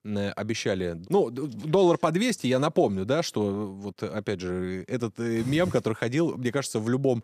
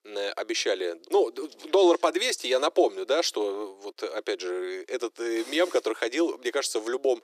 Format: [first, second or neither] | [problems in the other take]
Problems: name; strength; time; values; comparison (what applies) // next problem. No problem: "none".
first | thin; very; fading below 350 Hz